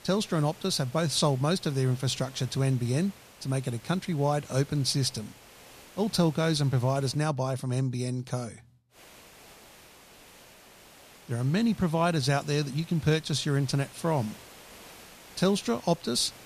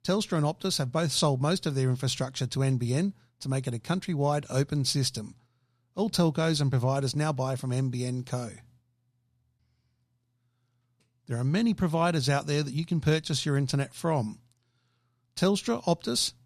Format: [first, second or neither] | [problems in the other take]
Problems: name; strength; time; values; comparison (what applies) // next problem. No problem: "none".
second | hiss; faint; until 7 s and from 9 s on; 20 dB below the speech